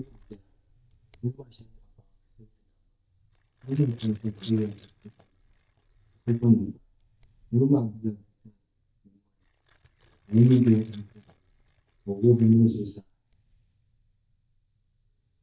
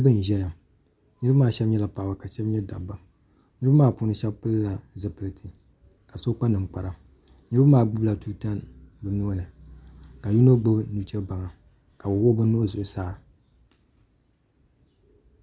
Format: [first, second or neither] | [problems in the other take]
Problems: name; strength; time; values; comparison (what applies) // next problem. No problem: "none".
second | noise reduction (neural mask model DeepFilterNet 3)